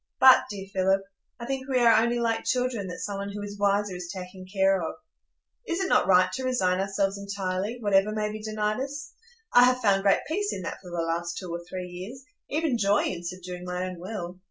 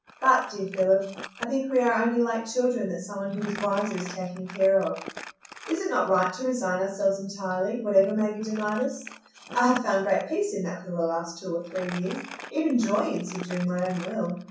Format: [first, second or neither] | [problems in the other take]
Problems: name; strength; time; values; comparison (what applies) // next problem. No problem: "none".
first | background sound (Crumpling, crinkling); 17 dB below the speech // room echo; dies away in 0.6 s